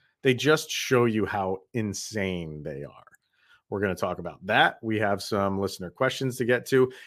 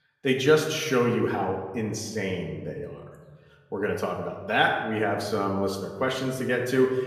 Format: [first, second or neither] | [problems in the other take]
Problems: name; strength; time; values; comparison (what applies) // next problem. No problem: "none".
first | room echo; slight; dies away in 1.1 s // off-mic speech; somewhat distant